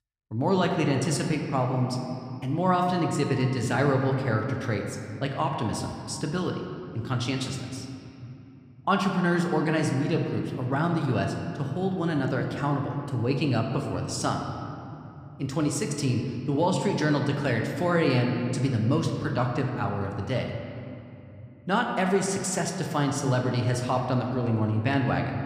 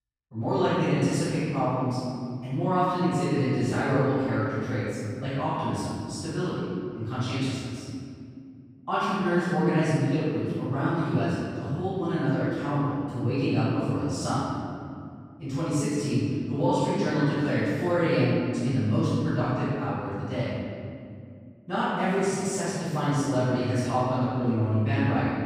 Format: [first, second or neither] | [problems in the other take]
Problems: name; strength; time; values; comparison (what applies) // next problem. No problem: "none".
first | room echo; strong; dies away in 2.4 s; slight in the first // off-mic speech; far